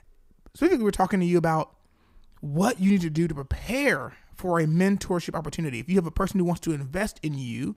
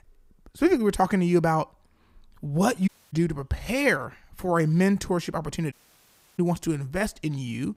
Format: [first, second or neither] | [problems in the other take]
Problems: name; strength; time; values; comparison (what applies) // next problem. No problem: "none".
first | audio cutting out; at 3 s and at 5.5 s for 0.5 s